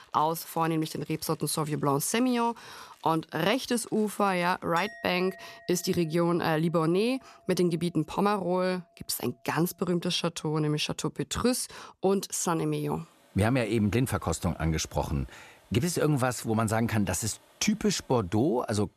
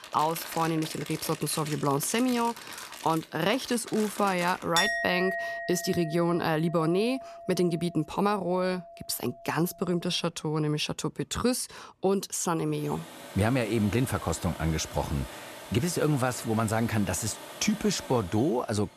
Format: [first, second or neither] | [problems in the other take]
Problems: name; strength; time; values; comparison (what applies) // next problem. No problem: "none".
first | household noises; loud; throughout; 9 dB below the speech; faint in the first